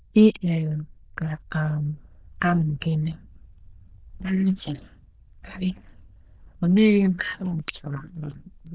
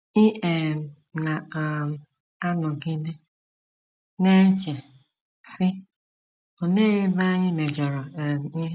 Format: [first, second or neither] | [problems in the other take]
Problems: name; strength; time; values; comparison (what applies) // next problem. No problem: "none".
second | noise reduction (neural diffusion model UNIVERSE++)